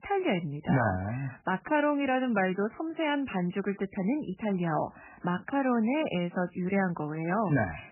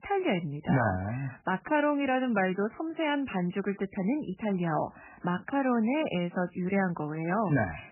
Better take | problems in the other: neither | garbled, watery; badly; nothing above 3 kHz; the same in both

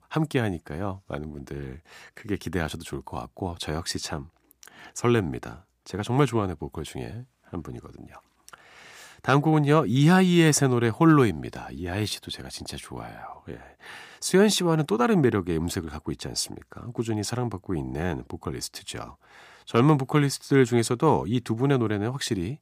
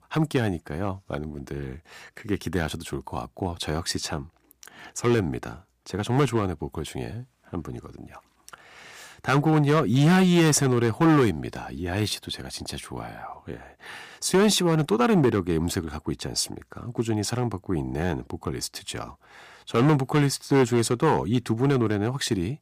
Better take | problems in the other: first | distortion; slight; 3% of the sound clipped

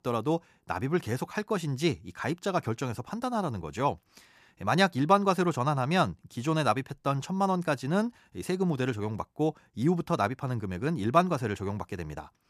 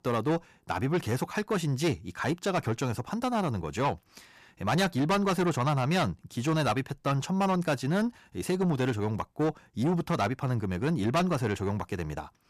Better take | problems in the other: first | distortion; heavy; 8 dB below the speech

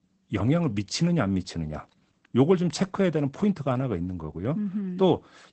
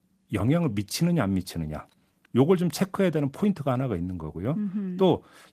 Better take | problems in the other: second | garbled, watery; badly; nothing above 8 kHz; slightly in the second

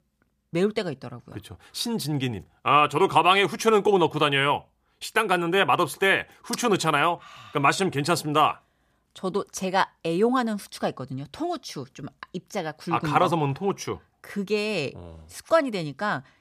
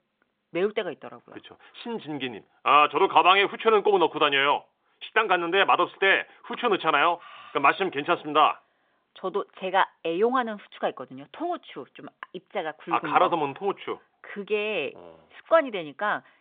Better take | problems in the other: first | phone-call audio; nothing above 3.5 kHz

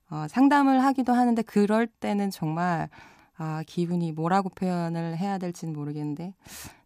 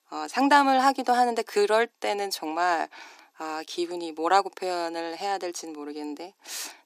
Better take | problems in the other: first | thin; somewhat; fading below 300 Hz

